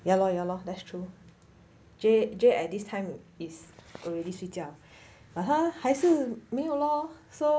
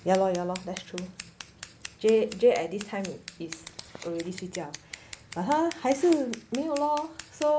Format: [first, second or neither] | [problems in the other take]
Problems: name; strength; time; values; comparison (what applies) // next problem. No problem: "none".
first | background sound (Scissors); 17 dB below the speech